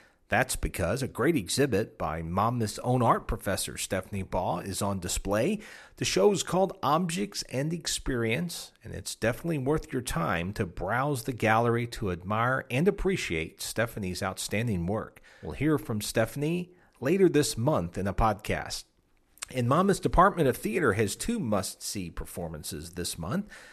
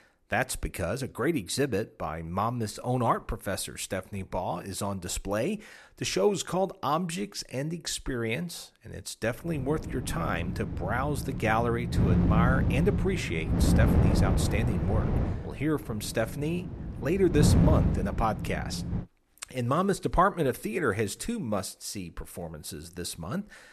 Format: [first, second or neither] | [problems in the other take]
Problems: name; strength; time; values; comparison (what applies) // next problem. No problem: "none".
first | wind noise on the microphone; heavy; from 9.5 to 19 s; 6 dB below the speech